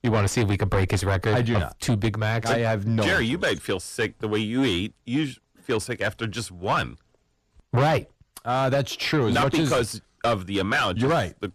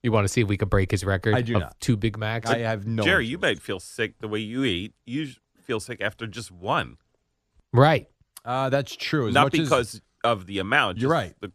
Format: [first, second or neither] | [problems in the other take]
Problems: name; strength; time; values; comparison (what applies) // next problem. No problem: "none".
second | distortion; heavy; 6 dB below the speech